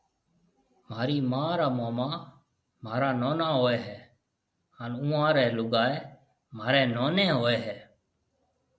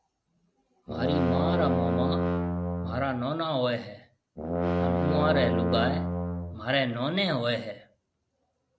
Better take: first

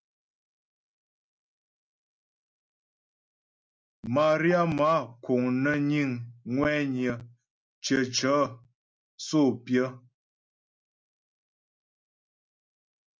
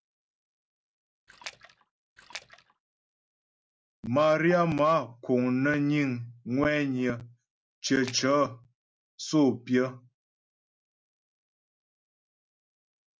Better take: first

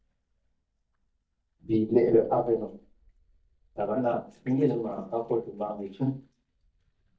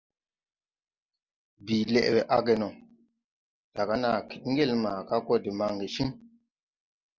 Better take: second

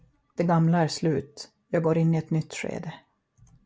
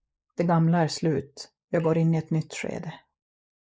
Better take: first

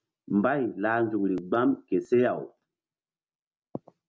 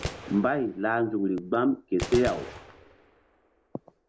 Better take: first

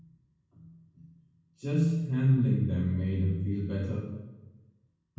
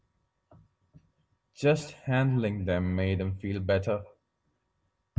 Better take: second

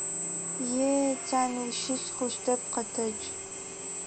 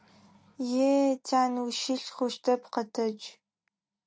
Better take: second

